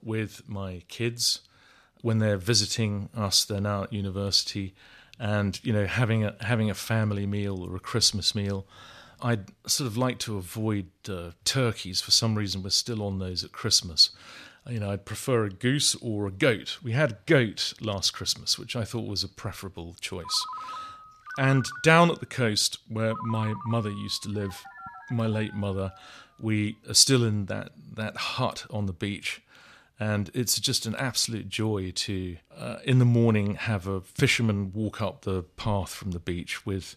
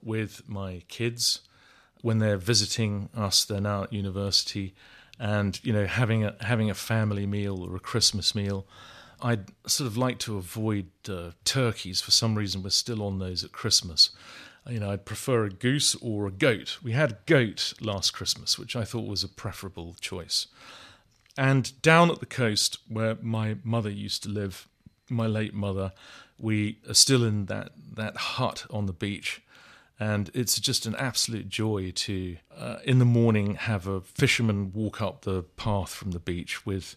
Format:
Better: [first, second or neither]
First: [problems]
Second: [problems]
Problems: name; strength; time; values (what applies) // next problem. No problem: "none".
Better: second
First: phone ringing; faint; from 20 to 26 s; peak 10 dB below the speech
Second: none